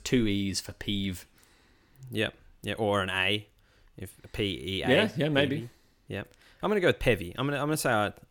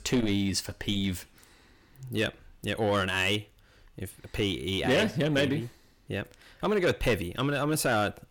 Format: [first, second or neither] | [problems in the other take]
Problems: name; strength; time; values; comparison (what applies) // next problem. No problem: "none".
first | distortion; slight; 10 dB below the speech